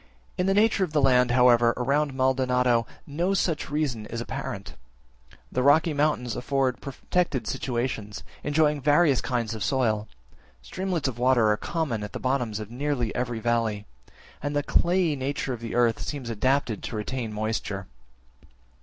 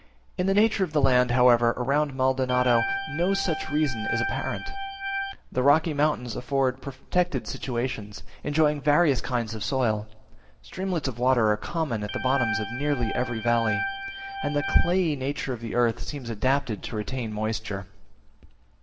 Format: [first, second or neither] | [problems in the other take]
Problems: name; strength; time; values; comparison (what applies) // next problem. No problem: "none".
first | background sound (Organ); 6 dB below the speech // room echo; dies away in 1.1 s